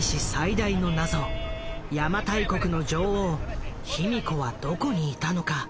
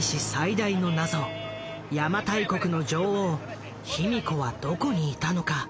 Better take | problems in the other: second | background sound (Engine); 6 dB below the speech

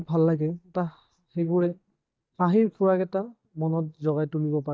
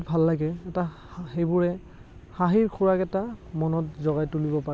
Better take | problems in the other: second | noise reduction (neural mask model DeepFilterNet 3)

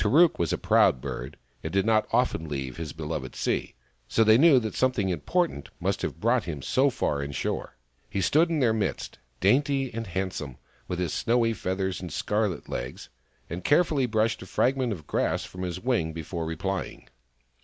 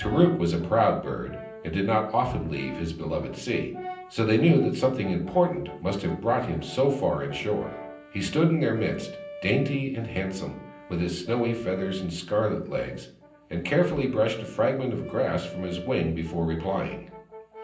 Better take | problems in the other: first | background sound (Brass instrument); 17 dB below the speech // room echo; dies away in 0.6 s

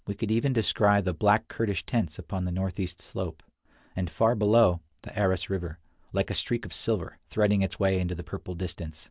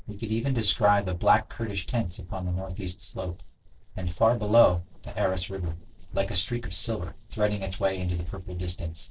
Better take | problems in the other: first | noise reduction (neural separator model SepFormer DNS4)

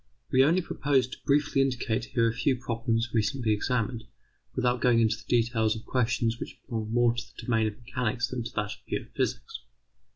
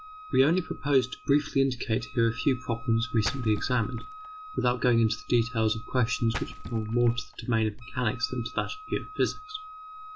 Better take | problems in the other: first | background sound (Splash, splatter + Wind instrument, woodwind instrument); 15 dB below the speech

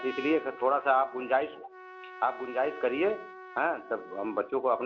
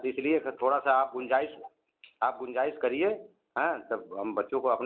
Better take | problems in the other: second | background sound (Trumpet); 15 dB below the speech

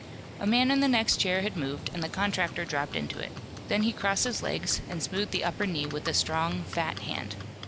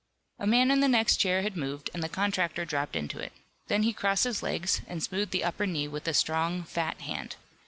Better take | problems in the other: second | background sound (Livestock, farm animals, working animals); 11 dB below the speech

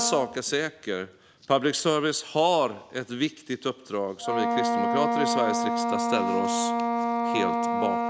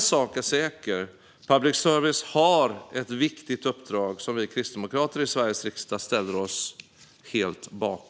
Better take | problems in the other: second | background sound (Wind instrument, woodwind instrument); as loud as the speech

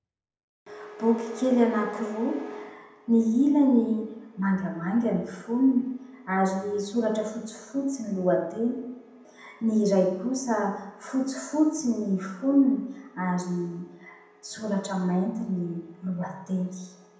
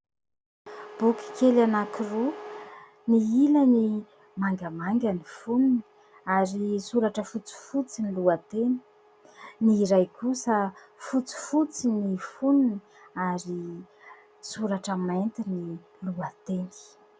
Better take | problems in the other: second | room echo; dies away in 0.8 s

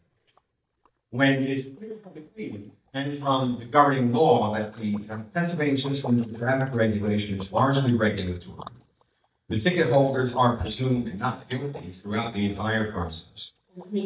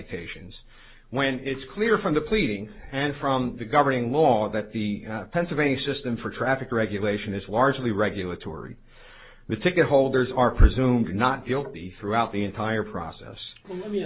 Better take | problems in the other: second | noise reduction (neural mask model DeepFilterNet 3)

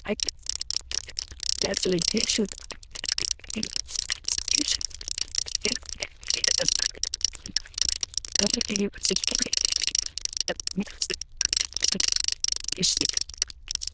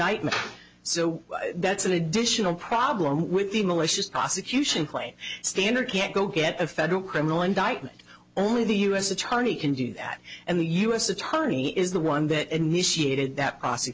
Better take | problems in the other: second | noise reduction (neural diffusion model UNIVERSE++)

